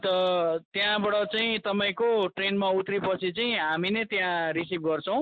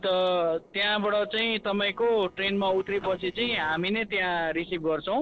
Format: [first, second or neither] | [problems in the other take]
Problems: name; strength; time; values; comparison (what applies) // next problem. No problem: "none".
first | noise reduction (neural separator model SepFormer DNS4)